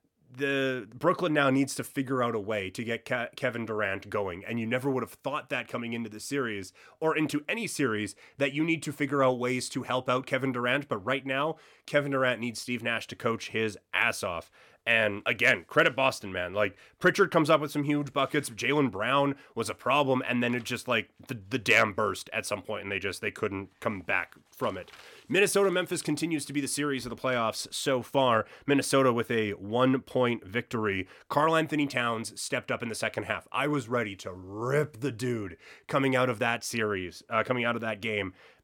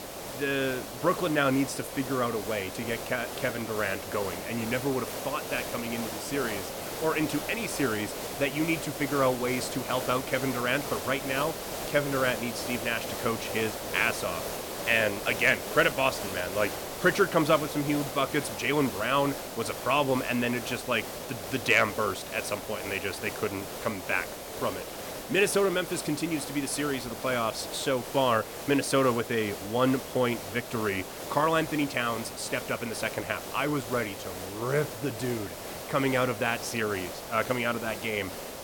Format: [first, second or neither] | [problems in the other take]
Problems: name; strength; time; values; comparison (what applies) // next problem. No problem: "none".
first | hiss; loud; throughout; 7 dB below the speech